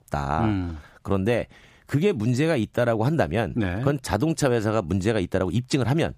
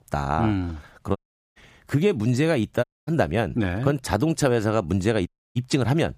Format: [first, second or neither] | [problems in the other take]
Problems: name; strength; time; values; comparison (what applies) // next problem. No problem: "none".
first | audio cutting out; at 1 s, at 3 s and at 5.5 s